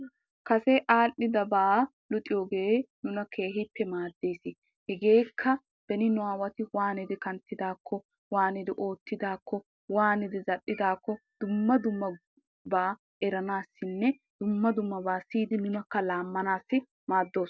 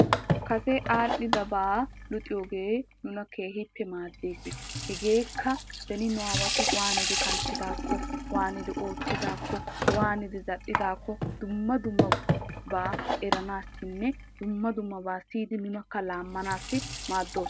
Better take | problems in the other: first | background sound (Sink (filling or washing) / Water tap, faucet); as loud as the speech

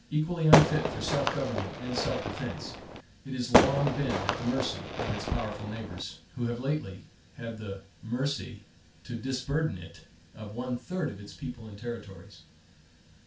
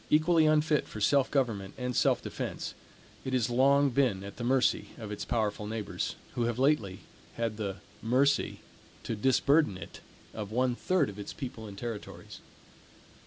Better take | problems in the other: second | background sound (Fireworks); 3 dB above the speech // room echo; dies away in 0.3 s

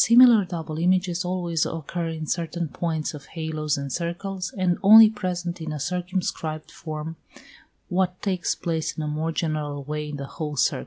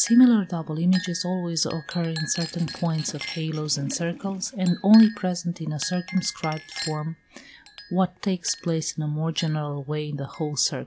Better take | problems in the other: first | background sound (Toilet flush + Chink, clink); 16 dB below the speech

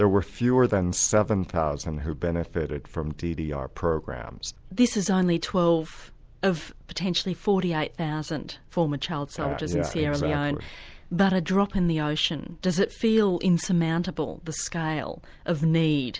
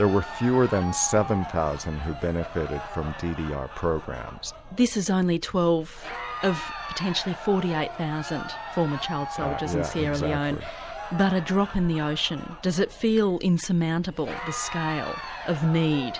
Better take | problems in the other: first | background sound (Crowd); 12 dB below the speech

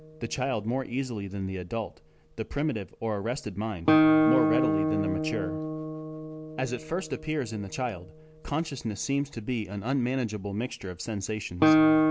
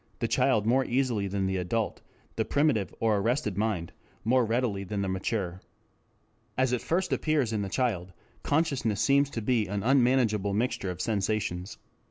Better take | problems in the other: second | background sound (Guitar); 2 dB above the speech

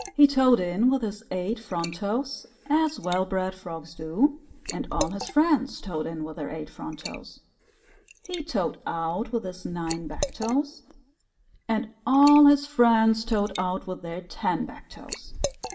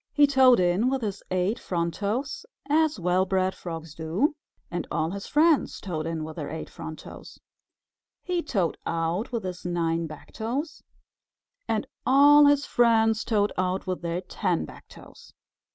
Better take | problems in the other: second | background sound (Liquid); 14 dB below the speech // room echo; dies away in 0.5 s

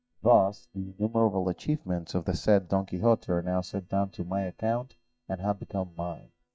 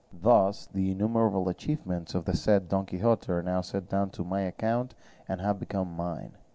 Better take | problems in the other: second | noise reduction (neural mask model DeepFilterNet 3)

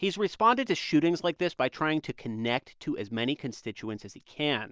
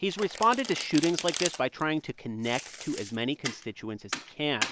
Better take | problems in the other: first | background sound (Domestic sounds, home sounds); 8 dB below the speech

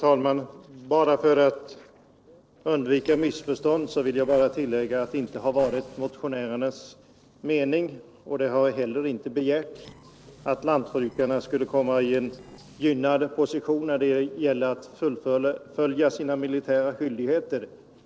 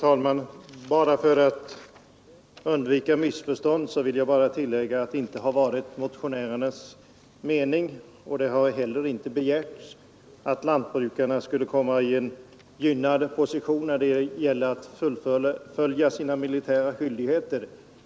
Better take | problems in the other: second | noise reduction (neural separator model SepFormer DNS4)

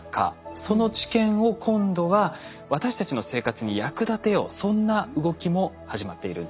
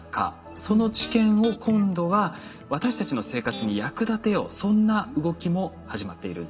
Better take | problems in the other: first | background sound (Electric guitar); 16 dB below the speech // room echo; dies away in 0.6 s

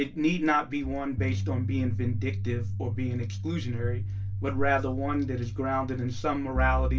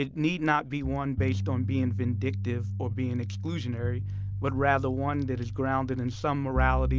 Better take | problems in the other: second | room echo; dies away in 0.2 s

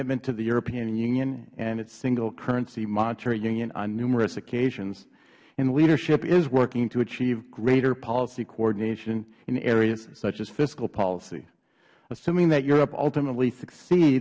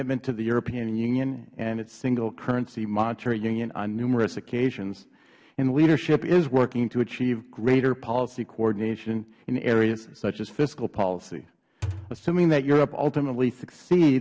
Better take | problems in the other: first | background sound (Thump, thud); 11 dB below the speech

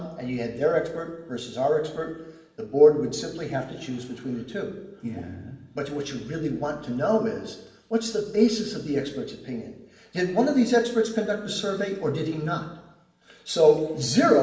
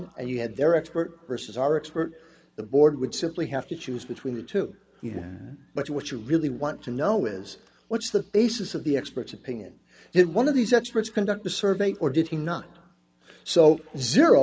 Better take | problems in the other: second | room echo; dies away in 0.9 s

